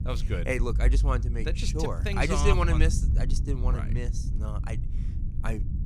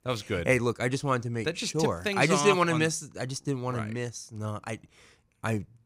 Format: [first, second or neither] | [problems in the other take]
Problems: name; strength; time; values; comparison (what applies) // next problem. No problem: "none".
second | low rumble; noticeable; throughout; 10 dB below the speech